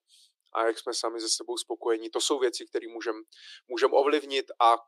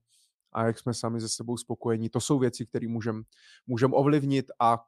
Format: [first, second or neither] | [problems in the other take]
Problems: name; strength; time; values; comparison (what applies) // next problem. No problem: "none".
second | thin; very; fading below 350 Hz